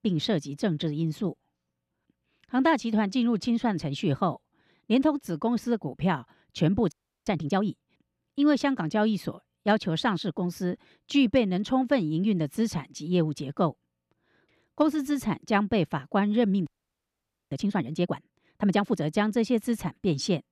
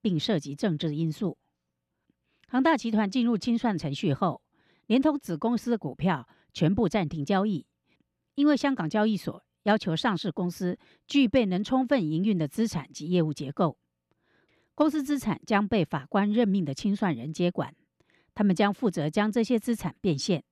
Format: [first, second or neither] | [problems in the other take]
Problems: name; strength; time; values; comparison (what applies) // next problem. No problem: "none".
second | audio freezing; at 7 s and at 17 s for 1 s